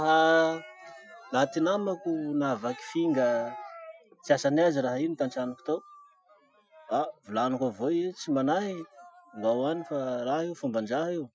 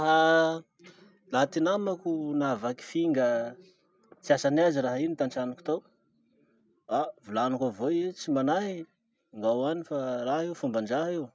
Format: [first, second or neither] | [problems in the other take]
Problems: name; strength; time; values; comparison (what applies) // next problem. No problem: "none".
second | noise reduction (classical method Wiener filter)